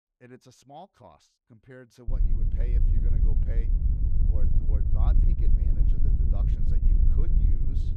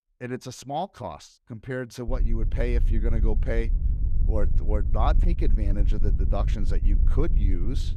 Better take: second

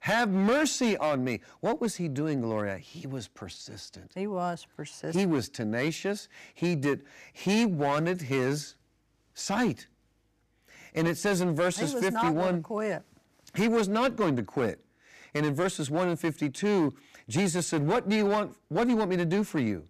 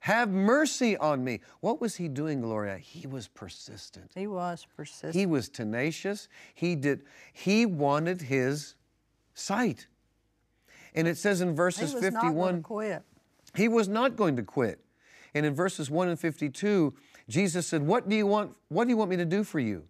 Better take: second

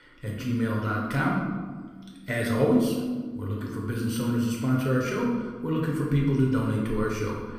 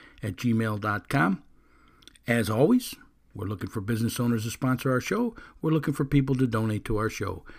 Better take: second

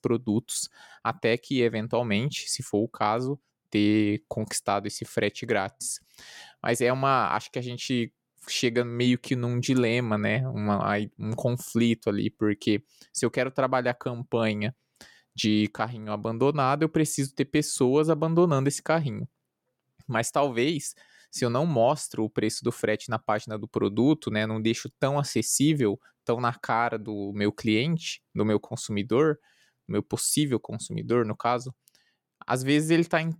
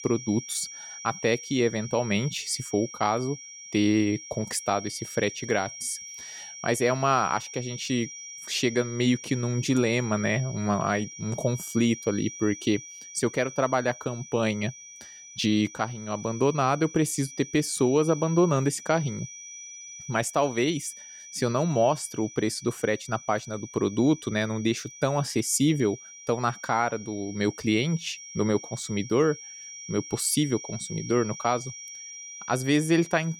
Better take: first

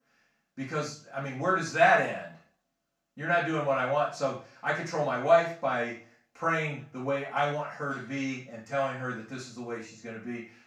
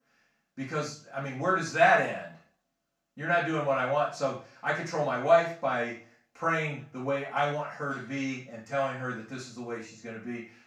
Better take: neither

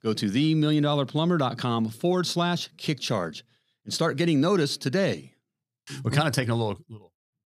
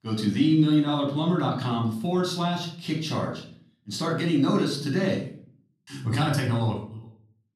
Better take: first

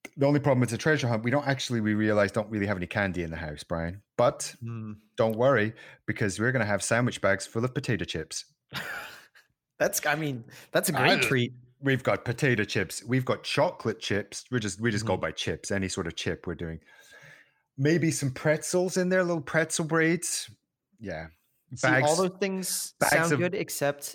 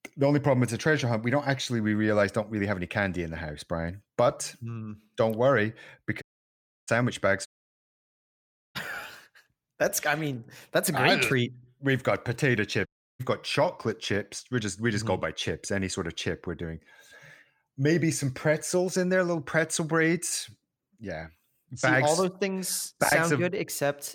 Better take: first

